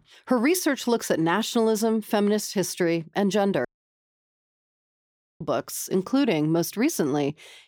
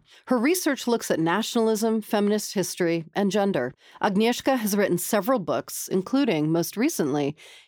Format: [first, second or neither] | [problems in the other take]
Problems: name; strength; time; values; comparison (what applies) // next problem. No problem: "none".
second | audio cutting out; at 3.5 s for 2 s